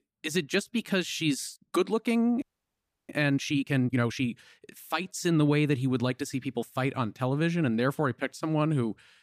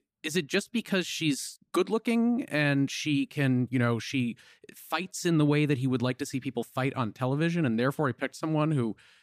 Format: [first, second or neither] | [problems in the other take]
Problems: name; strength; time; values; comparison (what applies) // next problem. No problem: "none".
second | audio freezing; at 2.5 s for 0.5 s